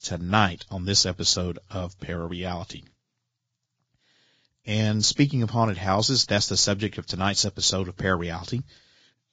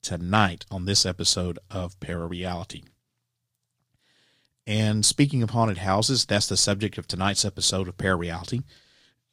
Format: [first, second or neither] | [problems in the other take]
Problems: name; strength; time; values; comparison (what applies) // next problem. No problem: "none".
second | garbled, watery; badly; nothing above 7.5 kHz; slightly in the second